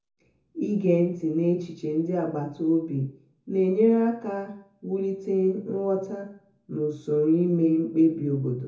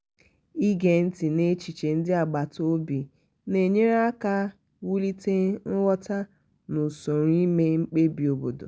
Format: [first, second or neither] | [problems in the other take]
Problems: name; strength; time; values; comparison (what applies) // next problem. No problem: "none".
second | room echo; dies away in 0.6 s